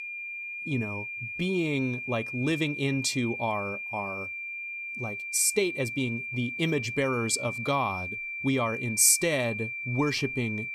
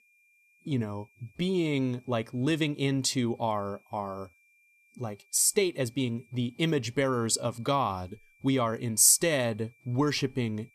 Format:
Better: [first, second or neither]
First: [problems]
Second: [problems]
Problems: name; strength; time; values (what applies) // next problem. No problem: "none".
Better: second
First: high-pitched whine; loud; throughout; 2.5 kHz, 6 dB below the speech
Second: high-pitched whine; faint; throughout; 2.5 kHz, 35 dB below the speech